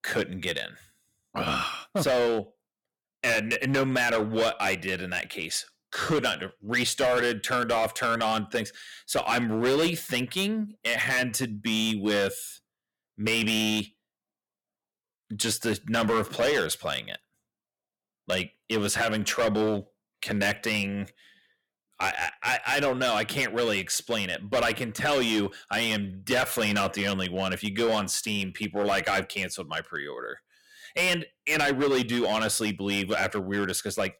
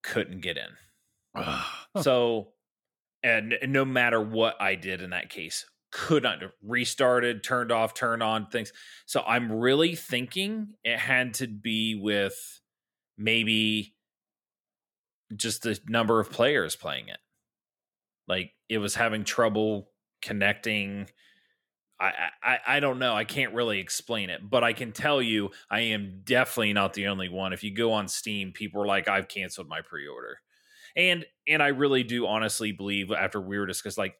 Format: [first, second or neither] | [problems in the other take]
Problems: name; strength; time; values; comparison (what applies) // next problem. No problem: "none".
second | distortion; heavy; 8% of the sound clipped